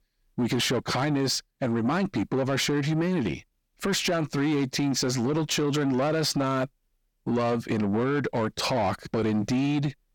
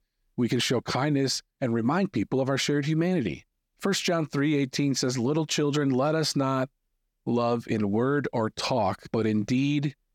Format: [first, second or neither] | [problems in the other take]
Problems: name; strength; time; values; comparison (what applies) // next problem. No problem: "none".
second | distortion; slight; 10 dB below the speech